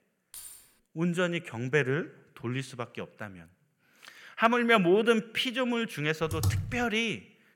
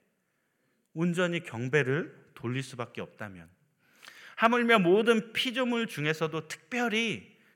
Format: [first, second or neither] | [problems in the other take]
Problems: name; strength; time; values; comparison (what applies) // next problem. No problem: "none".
second | jangling keys; faint; at 0.5 s; peak 15 dB below the speech // keyboard typing; noticeable; at 6.5 s; peak 2 dB below the speech